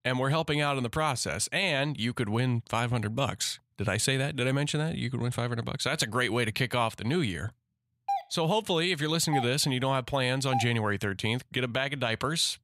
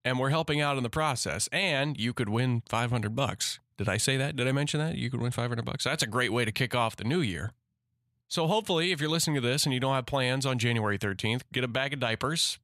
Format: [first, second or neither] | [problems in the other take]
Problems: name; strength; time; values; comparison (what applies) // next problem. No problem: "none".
second | doorbell; noticeable; from 8 to 11 s; peak 5 dB below the speech